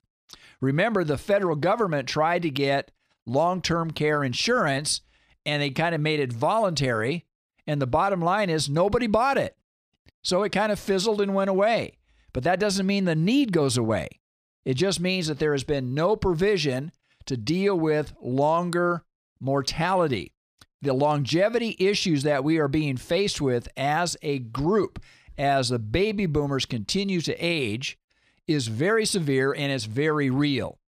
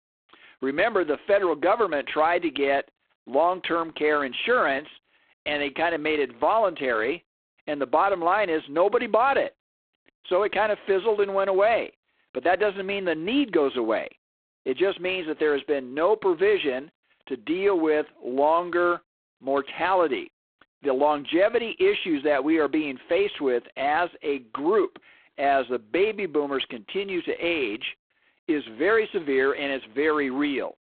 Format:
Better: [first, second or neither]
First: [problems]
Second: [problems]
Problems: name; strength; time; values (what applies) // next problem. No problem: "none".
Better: first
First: none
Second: phone-call audio; poor line